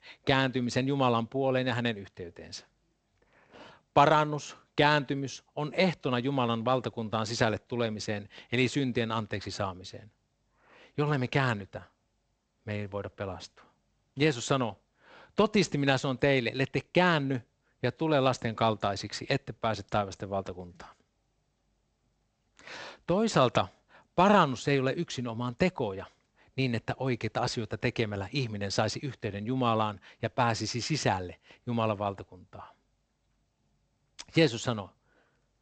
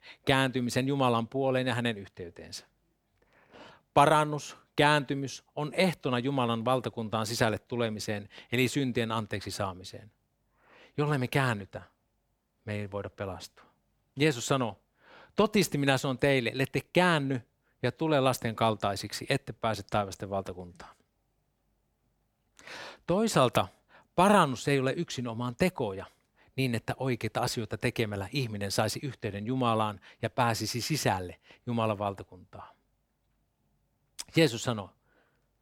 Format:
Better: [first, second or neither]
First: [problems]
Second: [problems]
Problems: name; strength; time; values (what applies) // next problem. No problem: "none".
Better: second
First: garbled, watery; slightly; nothing above 8 kHz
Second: none